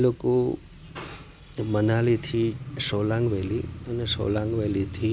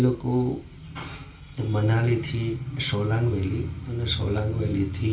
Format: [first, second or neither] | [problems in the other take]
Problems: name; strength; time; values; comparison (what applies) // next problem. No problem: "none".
first | room echo; dies away in 0.3 s